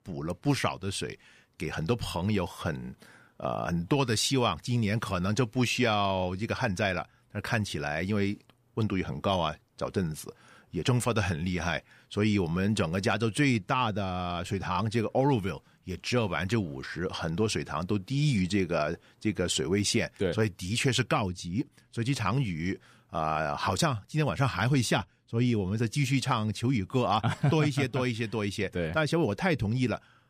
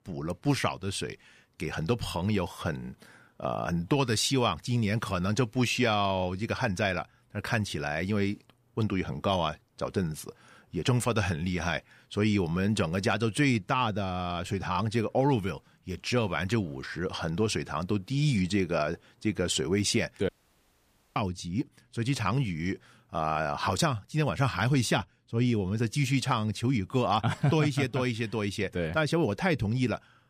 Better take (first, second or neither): first